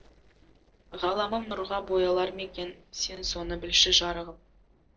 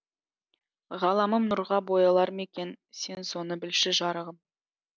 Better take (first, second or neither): second